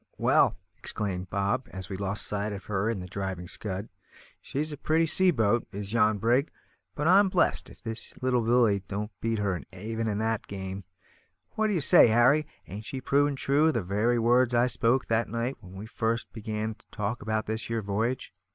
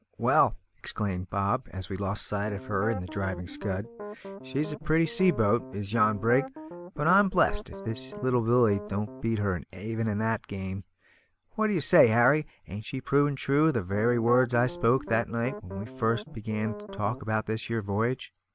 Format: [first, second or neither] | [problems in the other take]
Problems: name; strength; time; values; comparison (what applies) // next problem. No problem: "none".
first | background sound (Piano); 13 dB below the speech